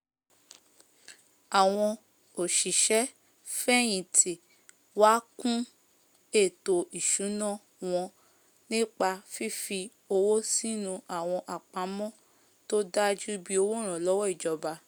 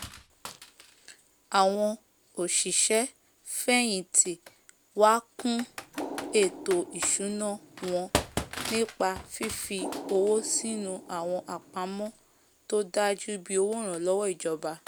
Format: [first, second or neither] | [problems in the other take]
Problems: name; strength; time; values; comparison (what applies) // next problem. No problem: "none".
first | background sound (Computer keyboard + Water); 12 dB below the speech